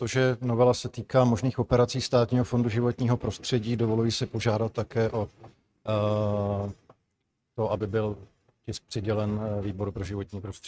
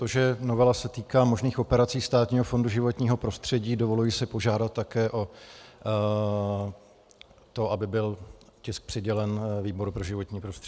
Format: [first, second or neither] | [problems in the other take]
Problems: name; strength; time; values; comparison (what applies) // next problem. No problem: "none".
second | noise reduction (neural mask model RNNoise)